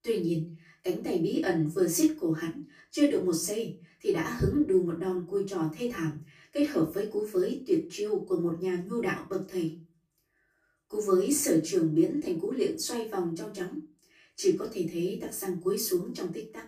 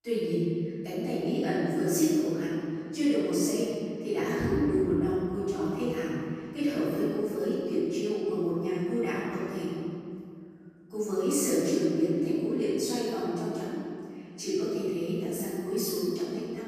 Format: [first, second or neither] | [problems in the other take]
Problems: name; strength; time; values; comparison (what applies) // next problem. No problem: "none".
first | room echo; strong; dies away in 2.5 s; slight in the first // off-mic speech; far; far in the first